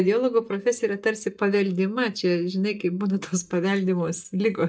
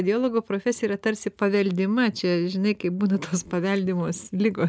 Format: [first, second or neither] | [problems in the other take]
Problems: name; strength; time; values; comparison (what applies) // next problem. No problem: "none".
second | noise reduction (neural mask model DeepFilterNet 3)